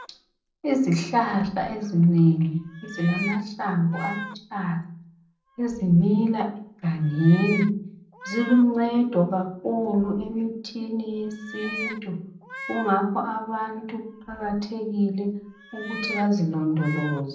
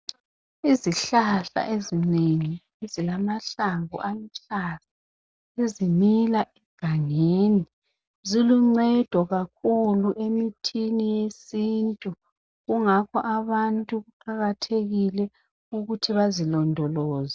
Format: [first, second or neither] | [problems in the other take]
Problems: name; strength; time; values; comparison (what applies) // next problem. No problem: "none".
second | background sound (Meow); 16 dB below the speech // room echo; dies away in 0.6 s